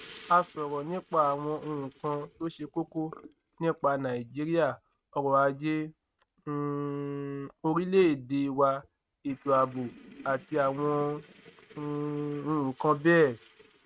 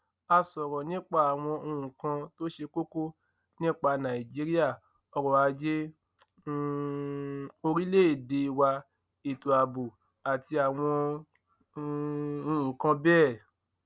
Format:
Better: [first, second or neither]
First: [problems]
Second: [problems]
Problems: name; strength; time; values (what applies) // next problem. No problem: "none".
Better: second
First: noise reduction (neural mask model RNNoise)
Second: none